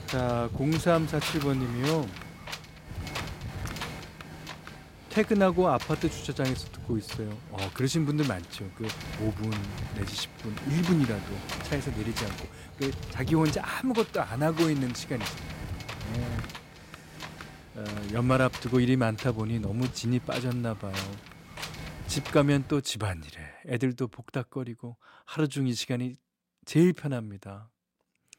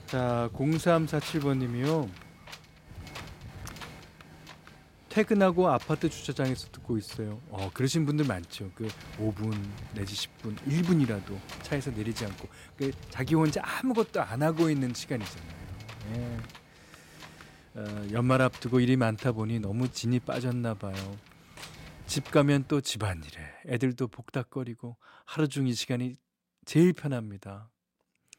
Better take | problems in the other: second | wind noise on the microphone; heavy; until 23 s; 8 dB below the speech; occasional gusts in the second

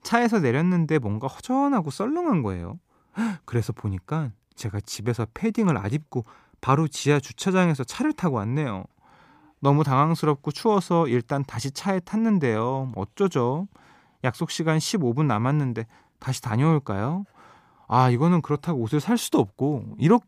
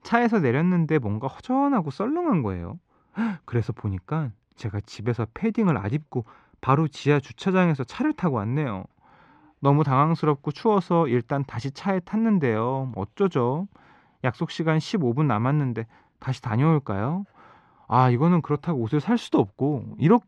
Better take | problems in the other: first | muffled; slightly; fading above 3.5 kHz

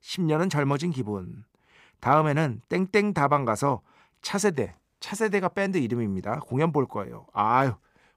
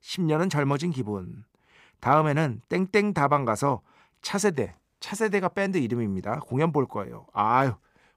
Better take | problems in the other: neither | none

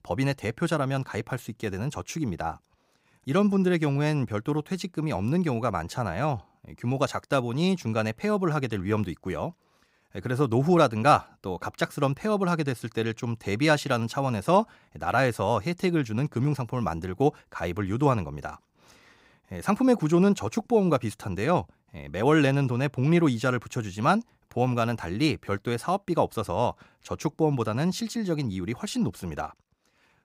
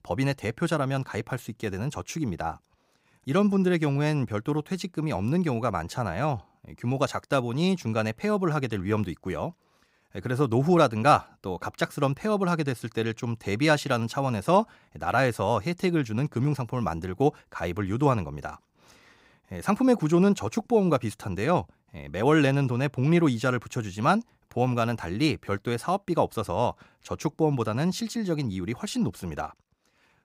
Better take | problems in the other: neither | none

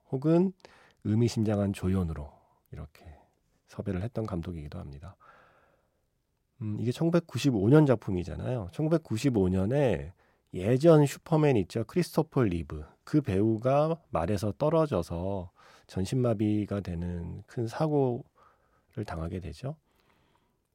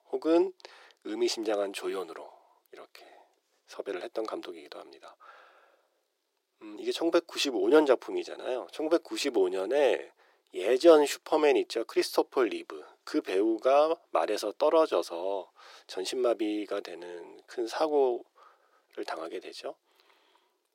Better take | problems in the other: first | thin; very; fading below 350 Hz

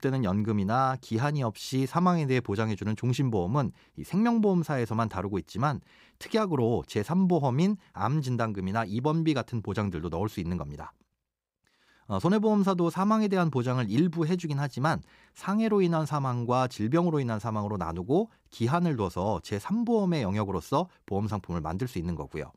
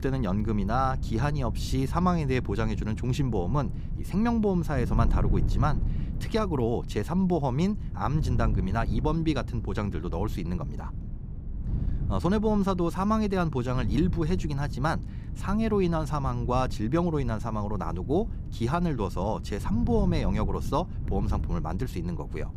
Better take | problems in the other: first | wind noise on the microphone; occasional gusts; 15 dB below the speech

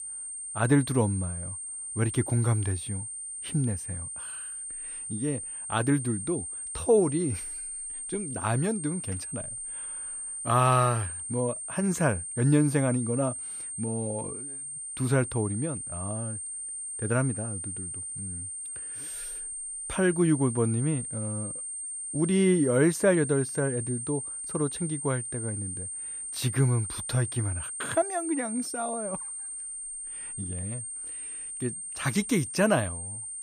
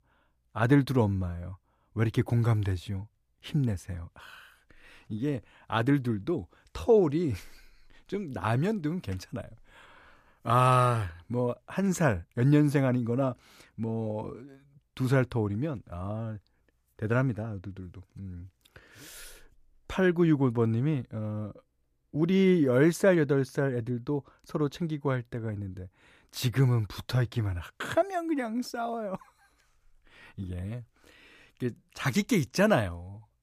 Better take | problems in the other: second | high-pitched whine; loud; throughout; 8.5 kHz, 6 dB below the speech

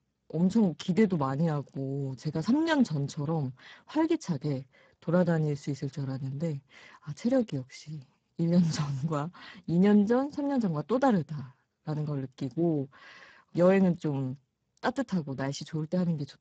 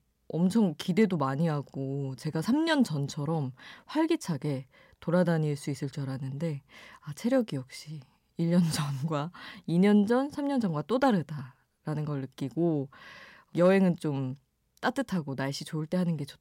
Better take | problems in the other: second | garbled, watery; badly; nothing above 7.5 kHz

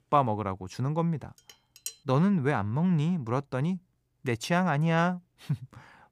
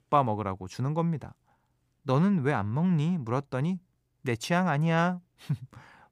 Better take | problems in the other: second | clattering dishes; faint; at 1.5 s; peak 10 dB below the speech

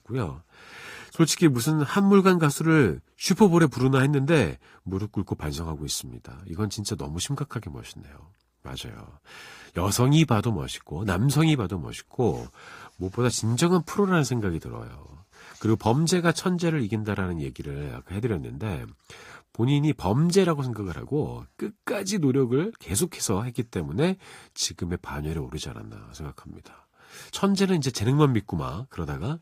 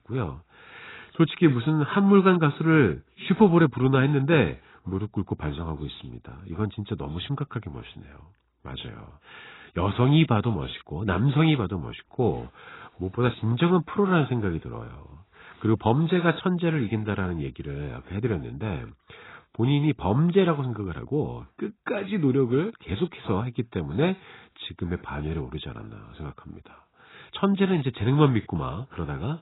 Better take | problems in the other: first | garbled, watery; badly; nothing above 4 kHz; slightly in the first

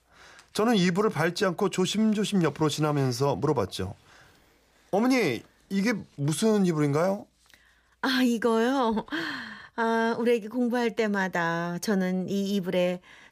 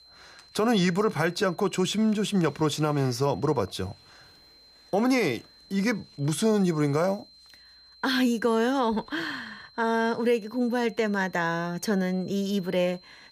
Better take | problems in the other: first | high-pitched whine; faint; throughout; 4 kHz, 25 dB below the speech

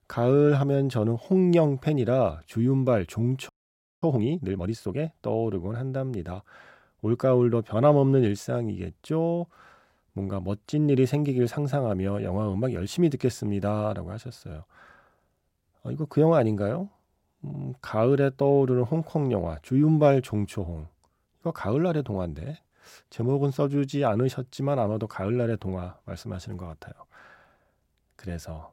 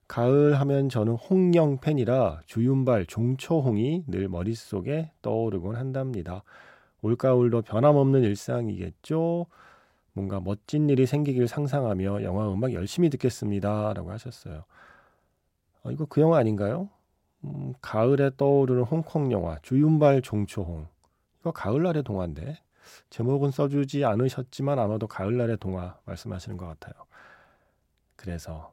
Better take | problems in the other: second | audio freezing; at 3.5 s for 0.5 s

